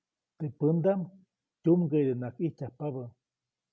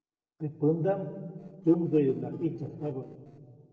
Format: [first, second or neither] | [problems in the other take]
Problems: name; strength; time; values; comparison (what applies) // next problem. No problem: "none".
first | noise reduction (neural separator model SepFormer DNS4)